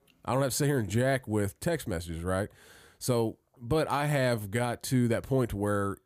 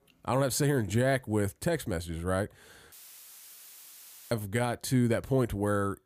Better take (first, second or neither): first